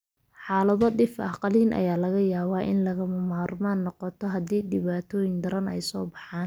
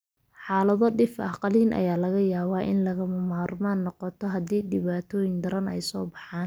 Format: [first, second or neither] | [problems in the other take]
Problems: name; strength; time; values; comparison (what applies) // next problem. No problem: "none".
second | background sound (Tap); 19 dB below the speech